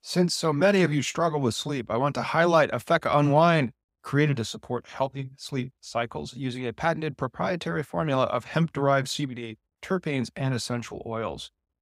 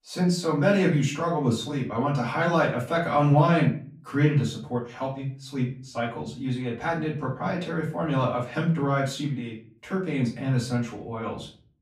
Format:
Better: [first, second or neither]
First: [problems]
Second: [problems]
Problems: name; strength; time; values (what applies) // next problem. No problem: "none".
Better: first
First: none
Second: off-mic speech; far // room echo; slight; dies away in 0.4 s